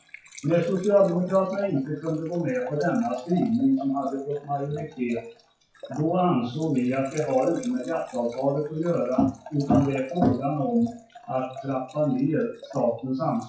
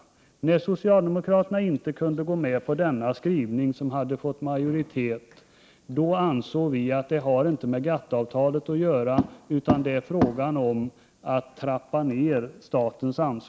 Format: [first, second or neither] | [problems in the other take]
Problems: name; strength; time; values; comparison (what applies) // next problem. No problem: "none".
second | noise reduction (classical method WPE with log-MMSE)